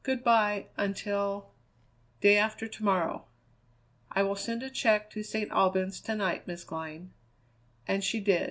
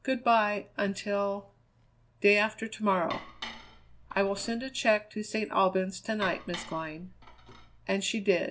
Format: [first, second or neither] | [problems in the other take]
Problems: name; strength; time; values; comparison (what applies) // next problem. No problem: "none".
first | background sound (Dishes, pots, and pans); 14 dB below the speech